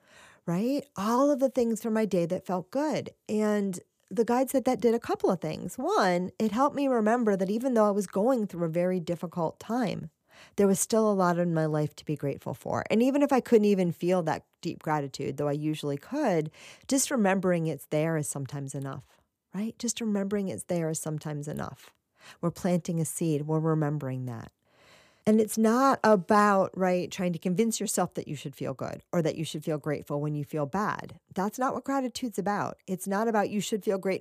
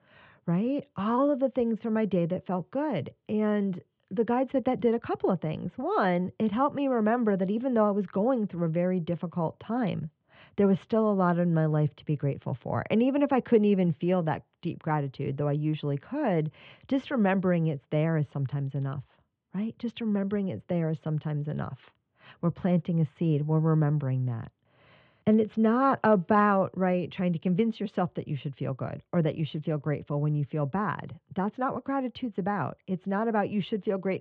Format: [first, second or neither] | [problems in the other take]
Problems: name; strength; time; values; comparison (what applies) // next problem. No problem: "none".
first | muffled; very; fading above 3.5 kHz